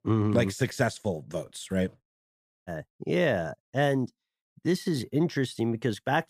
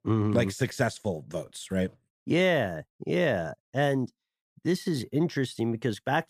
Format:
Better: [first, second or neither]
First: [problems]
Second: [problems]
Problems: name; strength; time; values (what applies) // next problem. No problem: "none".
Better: second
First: audio cutting out; at 2 s for 0.5 s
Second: none